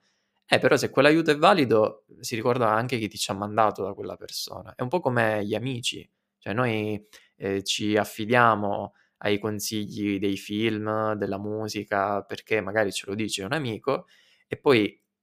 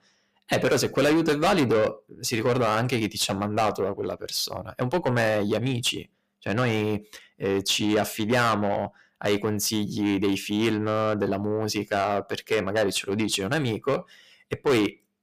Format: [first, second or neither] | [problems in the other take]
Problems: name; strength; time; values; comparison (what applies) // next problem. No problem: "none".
first | distortion; heavy; 6 dB below the speech